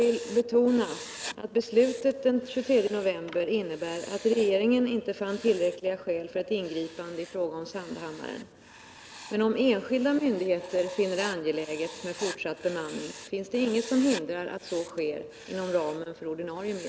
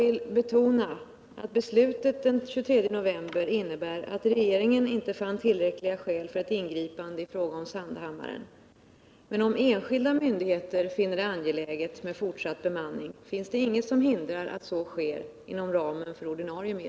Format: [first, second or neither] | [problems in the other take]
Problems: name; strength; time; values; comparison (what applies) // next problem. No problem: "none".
second | background sound (Writing); 17 dB below the speech